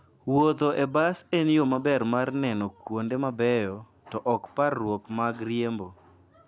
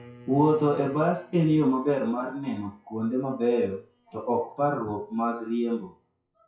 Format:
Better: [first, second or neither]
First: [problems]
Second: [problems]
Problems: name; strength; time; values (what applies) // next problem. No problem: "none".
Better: first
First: none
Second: noise reduction (classical method WPE with log-MMSE)